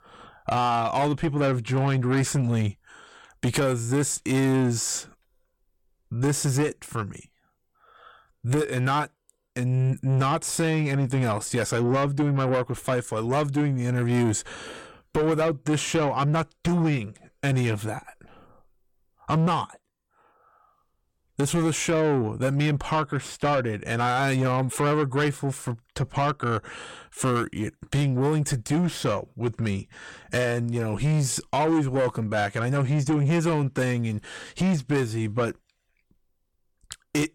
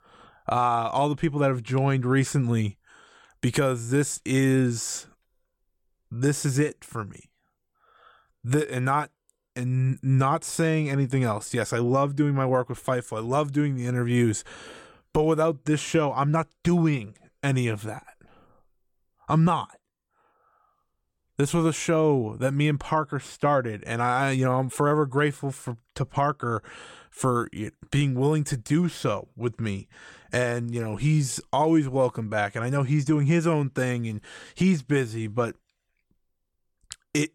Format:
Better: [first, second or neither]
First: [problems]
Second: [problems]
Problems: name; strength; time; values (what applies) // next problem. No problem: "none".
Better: second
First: distortion; slight; 10 dB below the speech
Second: none